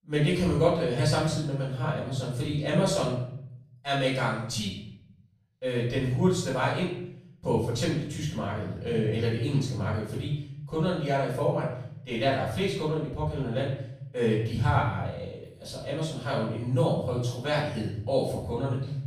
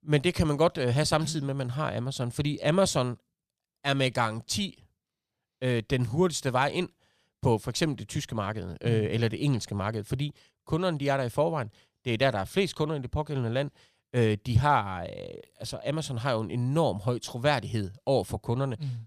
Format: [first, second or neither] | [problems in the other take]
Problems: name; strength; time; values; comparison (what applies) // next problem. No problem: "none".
second | room echo; noticeable; dies away in 0.6 s // off-mic speech; far